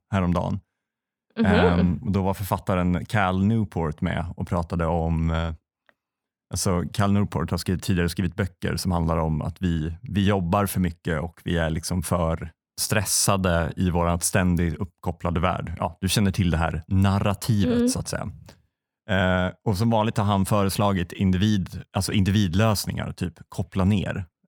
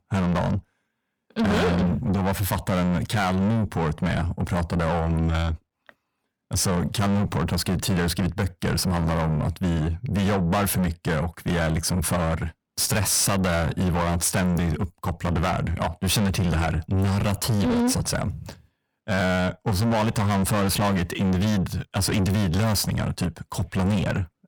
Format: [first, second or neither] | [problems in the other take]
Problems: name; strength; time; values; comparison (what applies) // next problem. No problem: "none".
first | distortion; heavy; 6 dB below the speech